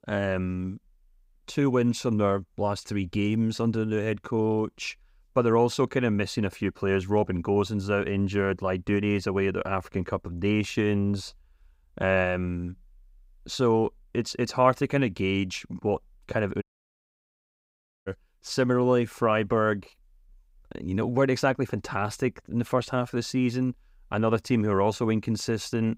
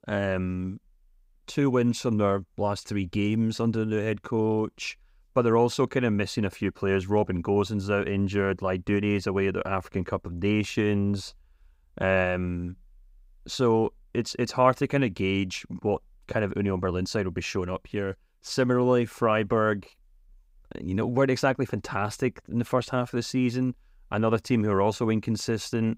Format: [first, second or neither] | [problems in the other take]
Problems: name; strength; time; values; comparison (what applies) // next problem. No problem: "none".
second | audio cutting out; at 17 s for 1.5 s